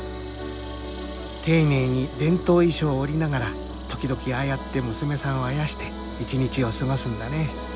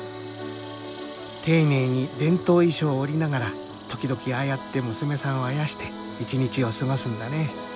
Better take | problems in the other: second | background sound (Musical instrument); 12 dB below the speech

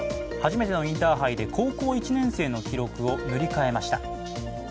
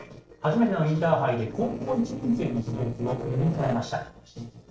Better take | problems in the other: first | noise reduction (neural separator model SepFormer DNS4)

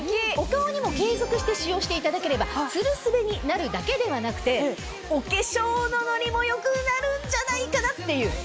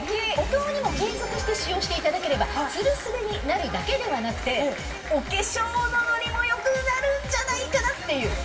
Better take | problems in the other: first | background sound (Applause); 15 dB below the speech // room echo; dies away in 2.6 s

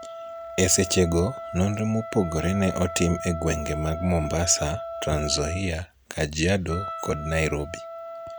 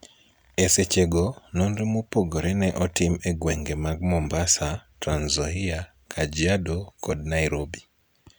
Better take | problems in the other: second | background sound (Wind instrument, woodwind instrument); 10 dB below the speech

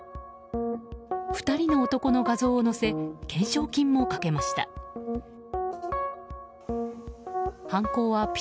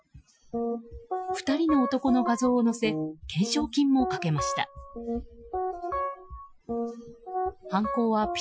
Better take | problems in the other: first | noise reduction (classical method Wiener filter)

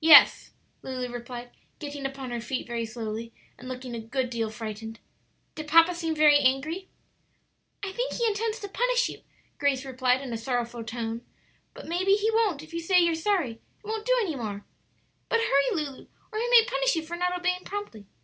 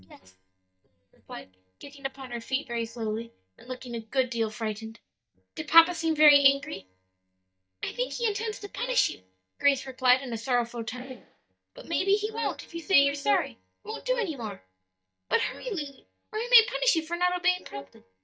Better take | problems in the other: first | noise reduction (neural mask model DeepFilterNet 3)

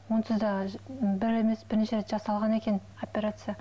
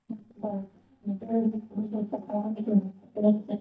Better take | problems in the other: first | noise reduction (neural mask model DeepFilterNet 3)

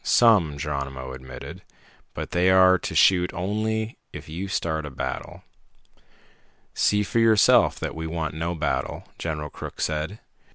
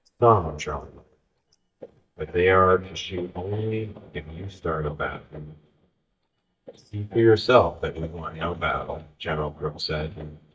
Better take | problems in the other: first | noise reduction (neural mask model DeepFilterNet 3)

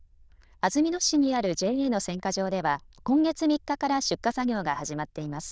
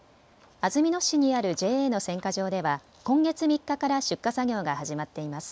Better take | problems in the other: second | noise reduction (neural diffusion model UNIVERSE++)

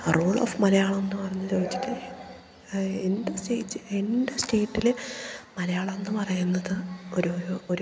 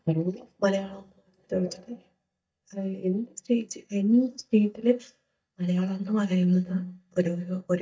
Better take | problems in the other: first | noise reduction (neural mask model DeepFilterNet 3)

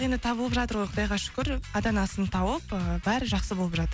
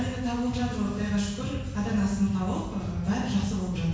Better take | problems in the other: first | background sound (Wind / Boat, Water vehicle); 14 dB below the speech // room echo; dies away in 1 s

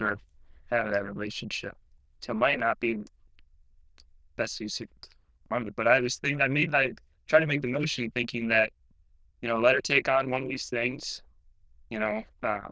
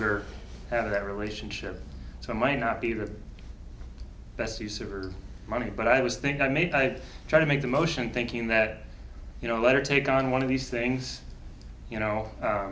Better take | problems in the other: second | noise reduction (neural diffusion model UNIVERSE++)

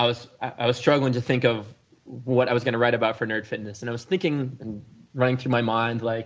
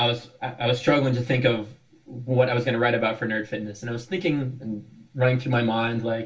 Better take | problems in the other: first | room echo; dies away in 0.2 s

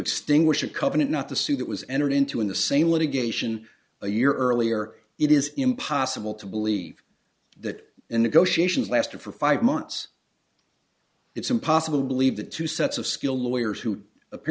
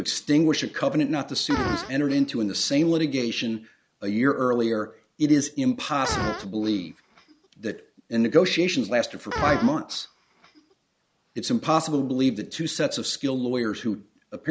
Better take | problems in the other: first | background sound (Fart); 11 dB below the speech

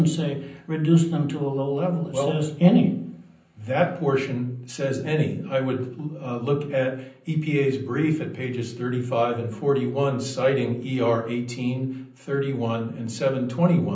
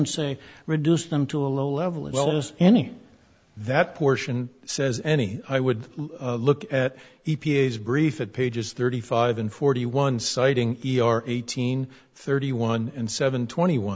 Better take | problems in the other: second | room echo; dies away in 0.6 s

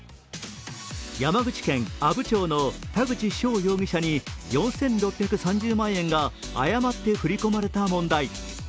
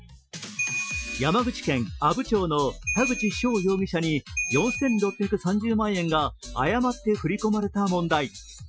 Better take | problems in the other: first | noise reduction (classical method Wiener filter)

